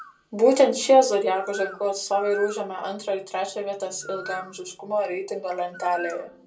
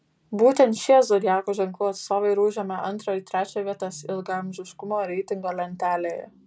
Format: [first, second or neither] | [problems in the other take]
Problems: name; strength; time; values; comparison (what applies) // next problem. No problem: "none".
second | background sound (Bird); 18 dB below the speech // room echo; dies away in 0.2 s